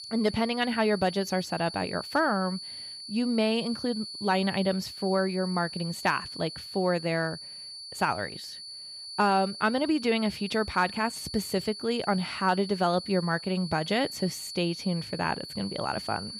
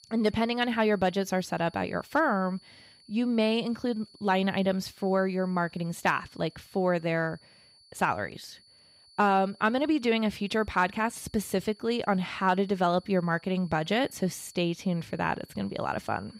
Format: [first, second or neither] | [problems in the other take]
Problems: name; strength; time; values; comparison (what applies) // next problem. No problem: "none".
second | high-pitched whine; loud; throughout; 4.5 kHz, 10 dB below the speech; faint in the second